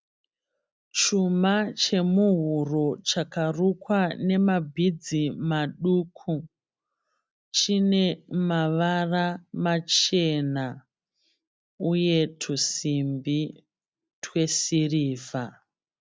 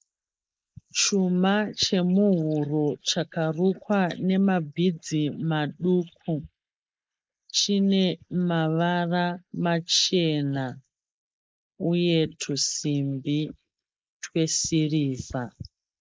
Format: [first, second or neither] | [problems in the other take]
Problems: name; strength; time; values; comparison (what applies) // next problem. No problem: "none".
first | noise reduction (neural mask model Resemble Enhance denoiser)